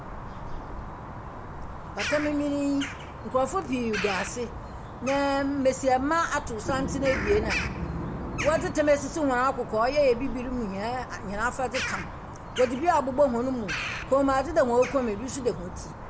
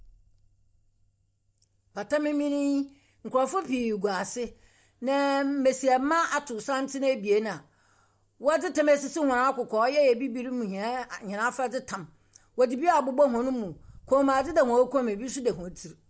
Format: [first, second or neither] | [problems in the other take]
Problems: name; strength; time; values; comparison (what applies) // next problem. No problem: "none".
second | background sound (Wind instrument, woodwind instrument + Bird vocalization, bird call, bird song); 8 dB below the speech